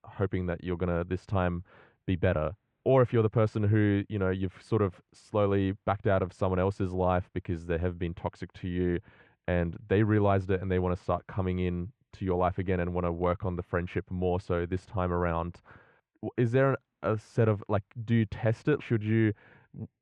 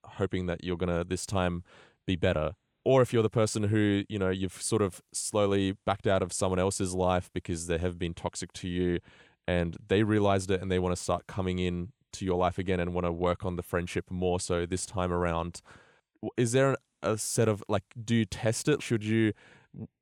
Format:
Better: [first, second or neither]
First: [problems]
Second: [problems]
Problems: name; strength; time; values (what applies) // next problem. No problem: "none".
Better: second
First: muffled; very; fading above 2 kHz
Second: none